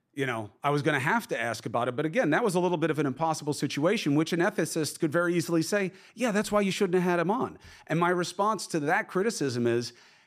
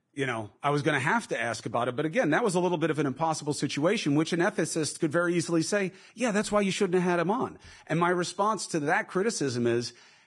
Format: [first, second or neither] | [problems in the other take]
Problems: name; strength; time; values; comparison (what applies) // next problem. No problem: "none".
first | garbled, watery; badly; nothing above 10 kHz